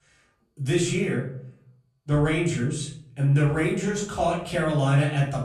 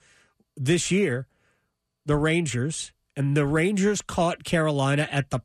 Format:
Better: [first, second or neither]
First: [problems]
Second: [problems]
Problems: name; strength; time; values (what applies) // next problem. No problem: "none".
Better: second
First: off-mic speech; far // room echo; noticeable; dies away in 0.5 s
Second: none